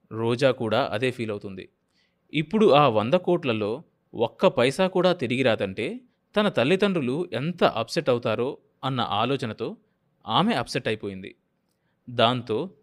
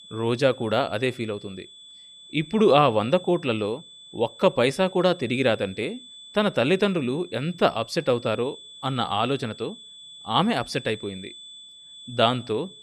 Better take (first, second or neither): first